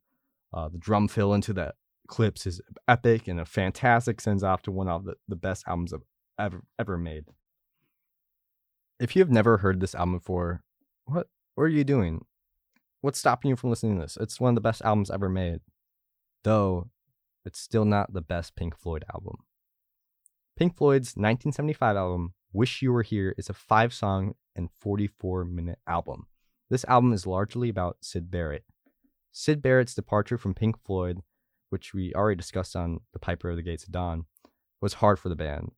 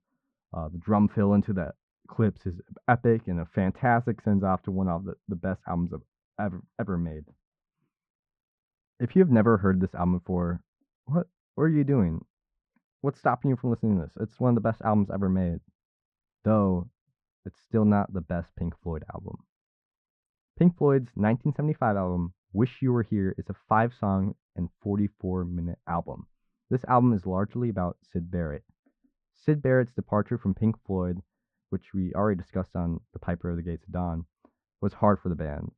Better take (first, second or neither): first